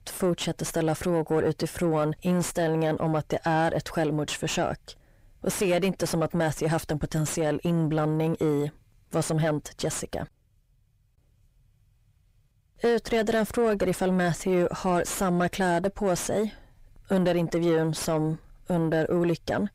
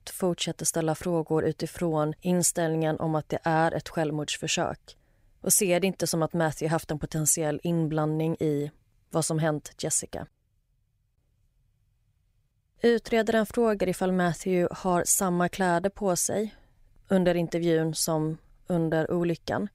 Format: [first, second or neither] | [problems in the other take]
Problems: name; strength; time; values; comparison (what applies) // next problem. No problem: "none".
second | distortion; heavy; 6 dB below the speech